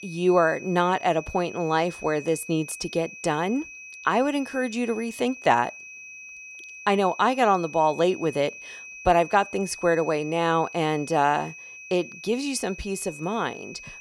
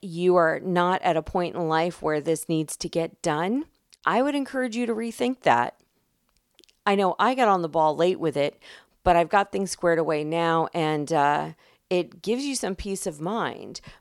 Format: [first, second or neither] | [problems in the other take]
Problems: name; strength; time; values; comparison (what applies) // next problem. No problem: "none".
second | high-pitched whine; noticeable; throughout; 2.5 kHz, 15 dB below the speech